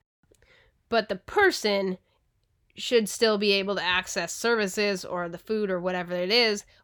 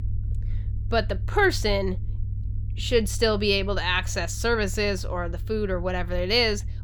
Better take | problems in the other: first | low rumble; faint; throughout; 25 dB below the speech

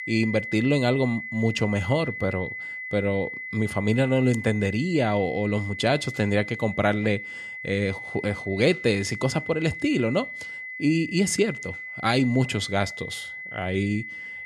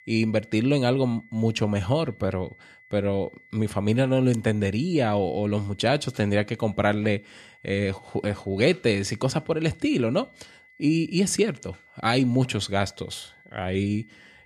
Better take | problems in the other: second | high-pitched whine; loud; throughout; 2 kHz, 9 dB below the speech; faint in the second

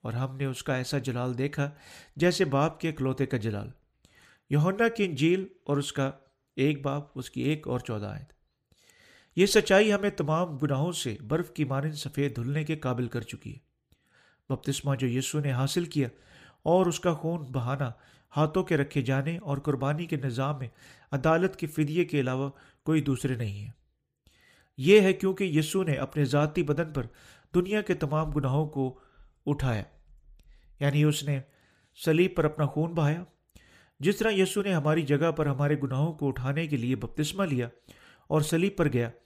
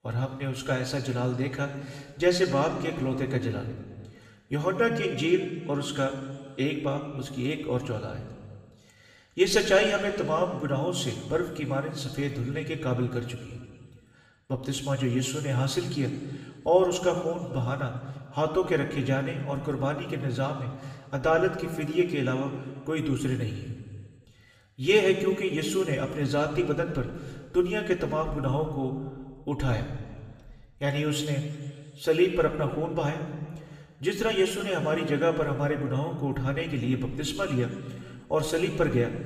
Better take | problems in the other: first | room echo; slight; dies away in 1.6 s // off-mic speech; somewhat distant

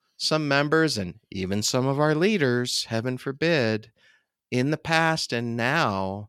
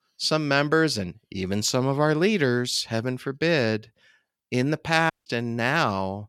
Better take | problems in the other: first | audio cutting out; at 5 s

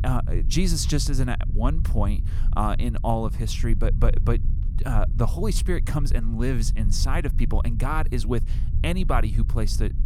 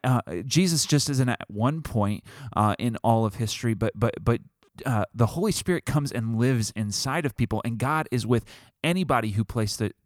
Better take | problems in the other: second | low rumble; noticeable; throughout; 15 dB below the speech

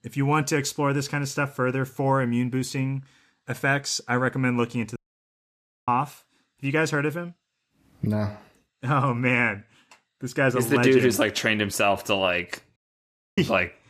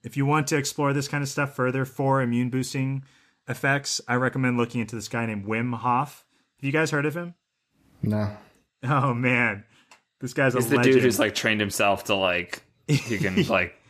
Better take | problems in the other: second | audio cutting out; at 5 s for 1 s and at 13 s for 0.5 s

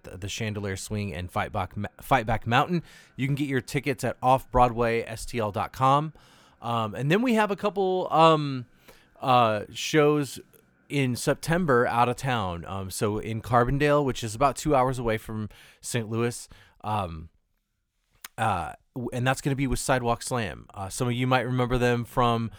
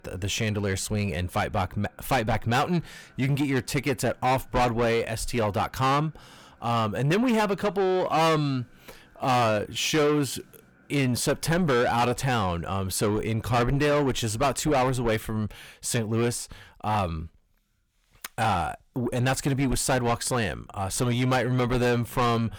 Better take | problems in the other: first | distortion; heavy; 7 dB below the speech

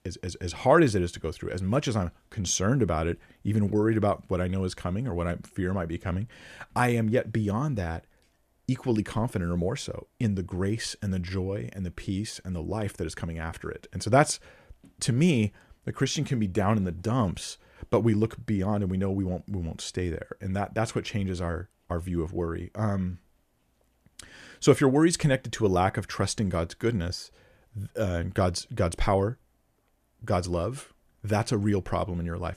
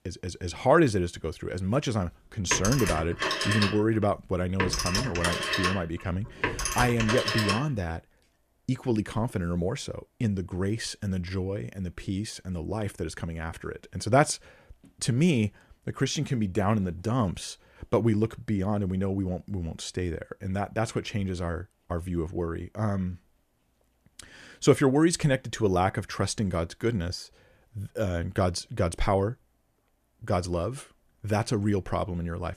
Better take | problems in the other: first | phone ringing; loud; from 2.5 to 7.5 s; peak 2 dB above the speech

